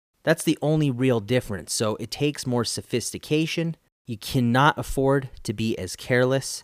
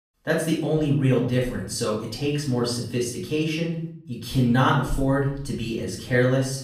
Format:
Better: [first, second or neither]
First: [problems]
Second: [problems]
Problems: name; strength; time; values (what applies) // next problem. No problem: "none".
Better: first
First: none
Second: off-mic speech; far // room echo; noticeable; dies away in 0.6 s